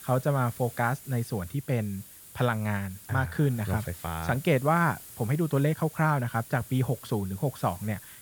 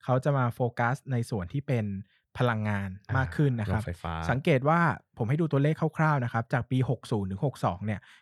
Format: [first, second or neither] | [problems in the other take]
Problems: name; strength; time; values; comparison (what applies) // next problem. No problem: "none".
second | hiss; noticeable; throughout; 15 dB below the speech